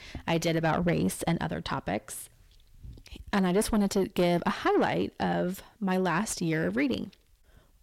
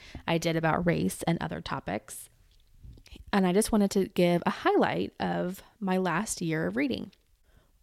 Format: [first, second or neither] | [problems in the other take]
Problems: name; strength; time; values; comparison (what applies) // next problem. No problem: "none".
second | distortion; slight; 10 dB below the speech